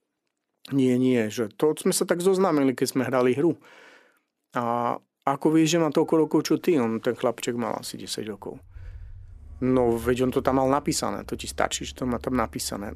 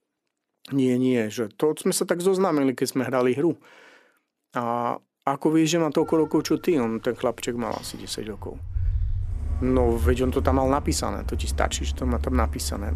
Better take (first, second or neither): first